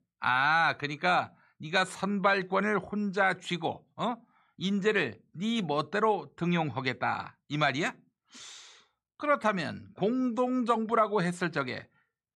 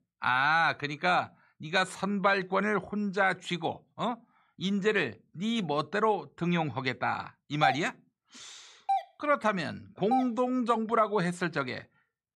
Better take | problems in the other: first | doorbell; noticeable; from 7.5 to 10 s; peak 2 dB below the speech

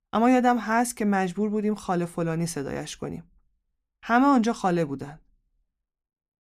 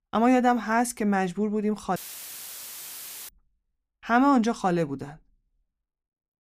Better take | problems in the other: first | audio cutting out; filled with static; at 2 s for 1.5 s

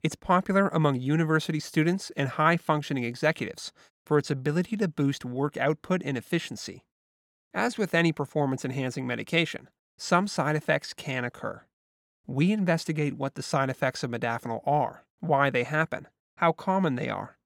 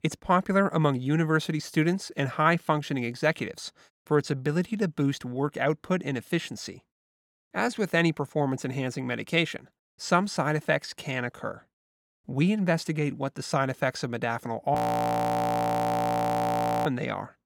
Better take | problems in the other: first | audio freezing; at 15 s for 2 s

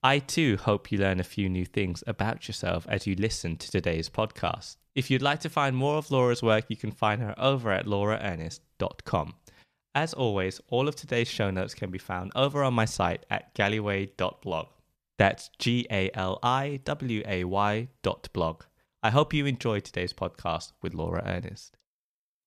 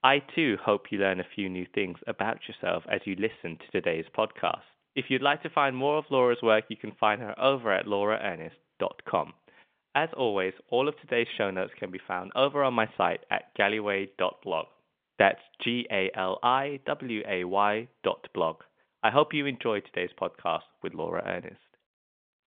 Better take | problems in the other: first | phone-call audio; nothing above 3.5 kHz

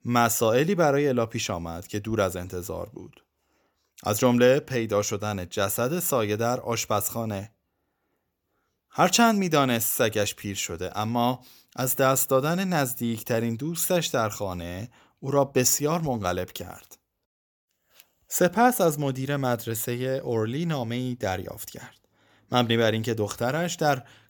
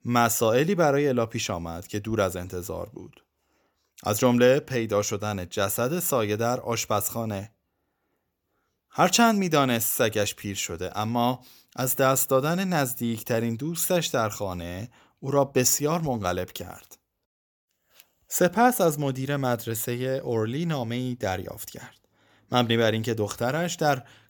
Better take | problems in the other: neither | none

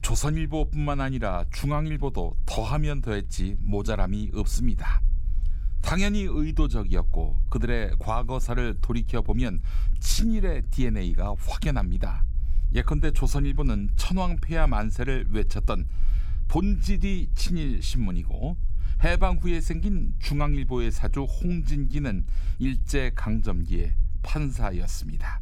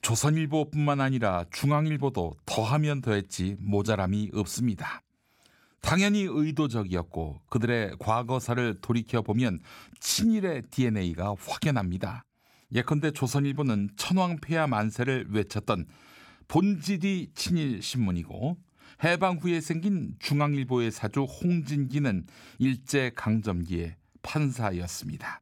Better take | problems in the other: second | low rumble; faint; throughout; 20 dB below the speech

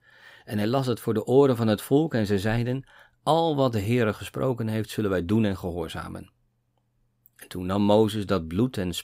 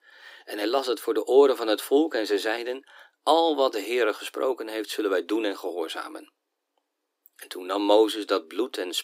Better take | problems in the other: first | thin; somewhat; fading below 300 Hz

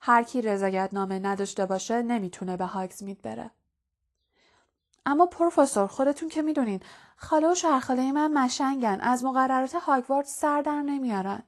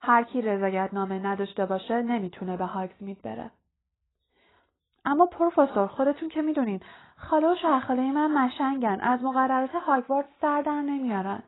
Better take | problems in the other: first | garbled, watery; badly; nothing above 4 kHz; slightly in the first

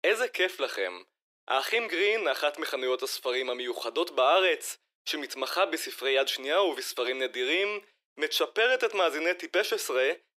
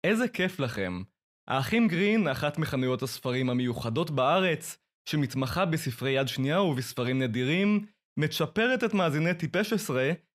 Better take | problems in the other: second | thin; very; fading below 350 Hz

